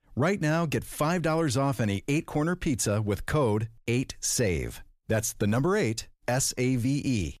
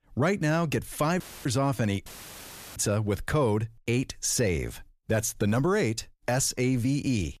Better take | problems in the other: first | audio cutting out; filled with static; at 1 s and at 2 s for 0.5 s

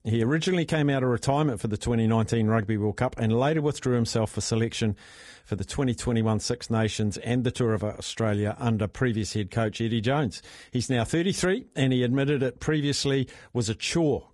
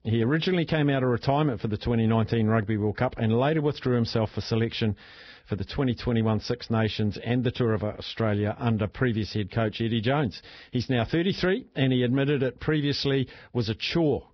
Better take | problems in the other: first | garbled, watery; badly; nothing above 5.5 kHz; slightly in the first

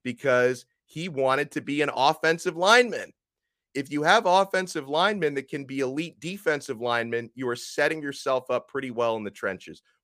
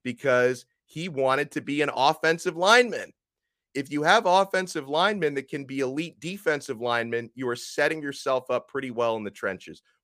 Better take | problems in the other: neither | none

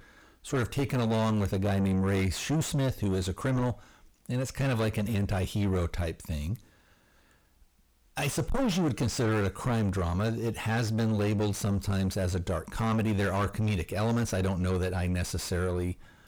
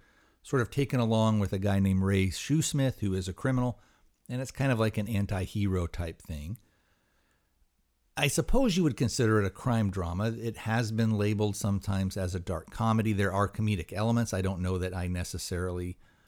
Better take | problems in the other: second | distortion; heavy; 6 dB below the speech

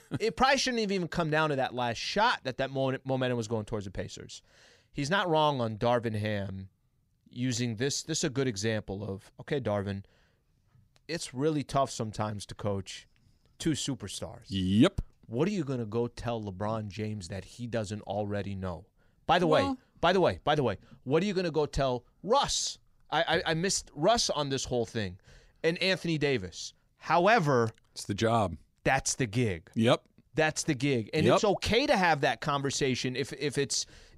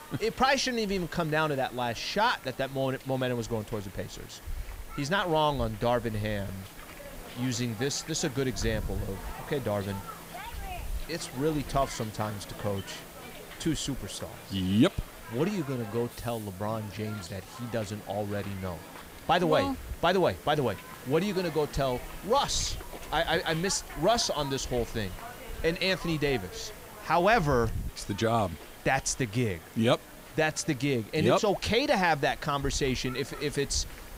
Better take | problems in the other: first | hiss; noticeable; throughout; 15 dB below the speech

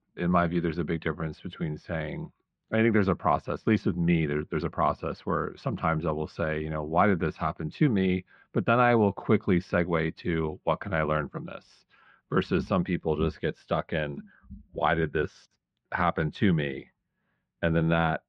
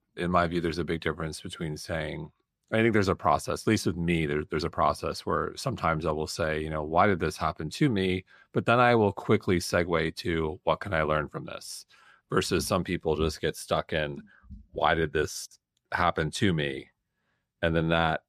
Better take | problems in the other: second | muffled; slightly; fading above 3 kHz

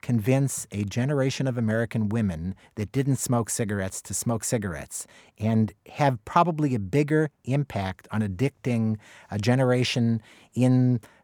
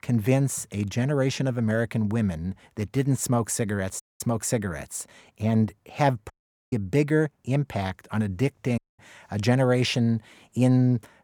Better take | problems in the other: first | audio cutting out; at 4 s, at 6.5 s and at 9 s

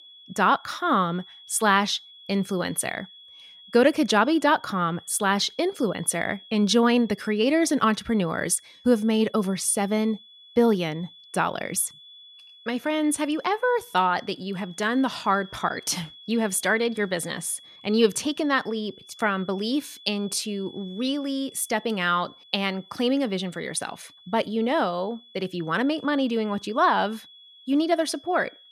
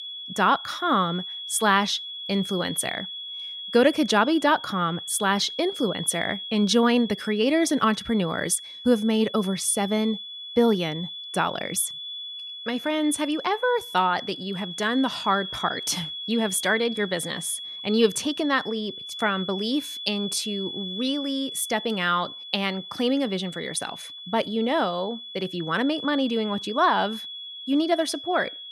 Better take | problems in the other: first | high-pitched whine; loud; throughout; 3.5 kHz, 9 dB below the speech; faint in the first

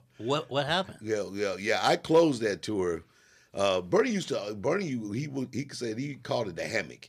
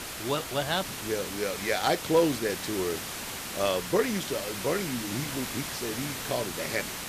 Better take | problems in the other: first | hiss; loud; throughout; 4 dB below the speech

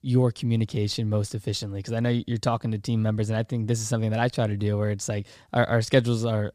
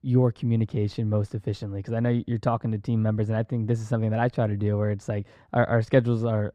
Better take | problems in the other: first | muffled; very; fading above 3 kHz

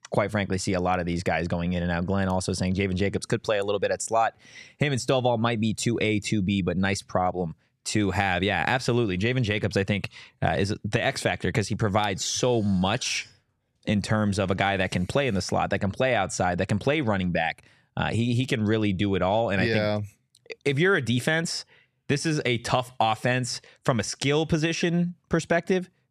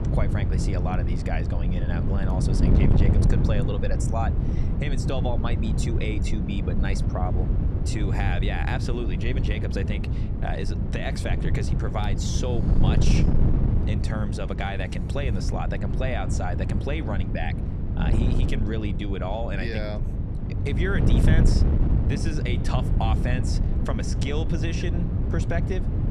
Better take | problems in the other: first | wind noise on the microphone; heavy; 3 dB below the speech

